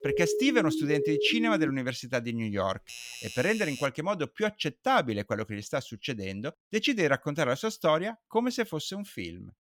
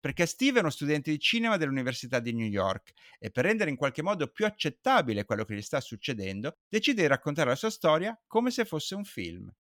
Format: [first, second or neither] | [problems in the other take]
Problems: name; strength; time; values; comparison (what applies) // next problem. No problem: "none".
second | siren; loud; until 1.5 s; peak level with the speech // doorbell; noticeable; from 3 to 4 s; peak 10 dB below the speech